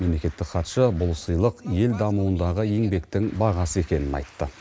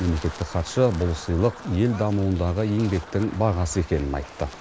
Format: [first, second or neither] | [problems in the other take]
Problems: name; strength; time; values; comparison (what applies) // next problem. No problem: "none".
first | background sound (Wind); 18 dB below the speech